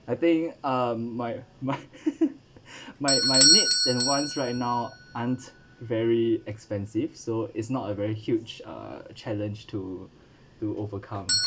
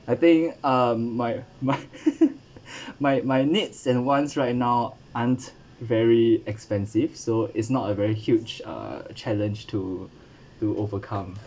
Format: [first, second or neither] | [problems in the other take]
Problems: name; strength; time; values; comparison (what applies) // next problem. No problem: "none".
second | background sound (Bell / Doorbell); 1 dB below the speech